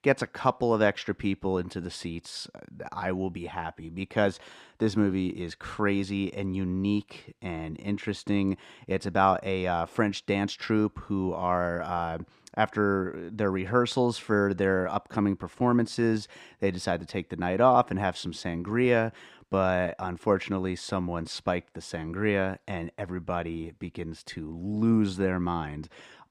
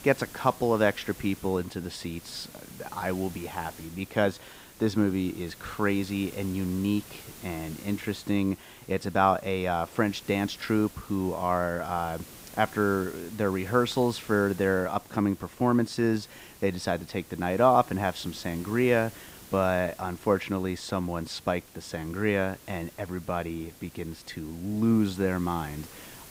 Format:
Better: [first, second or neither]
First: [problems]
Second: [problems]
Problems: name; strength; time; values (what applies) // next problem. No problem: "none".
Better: first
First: none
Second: hiss; noticeable; throughout; 20 dB below the speech